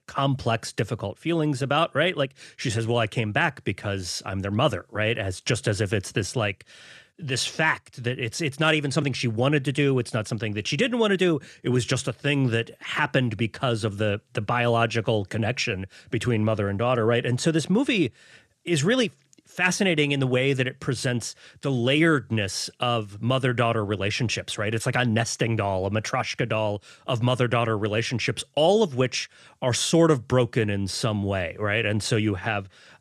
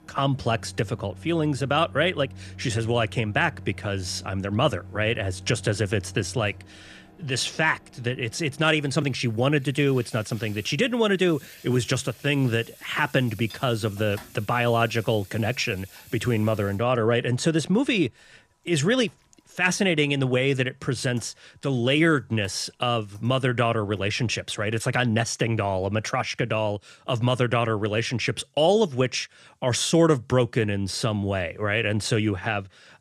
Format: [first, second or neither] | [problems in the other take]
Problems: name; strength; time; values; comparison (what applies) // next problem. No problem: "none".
first | household noises; faint; until 24 s; 20 dB below the speech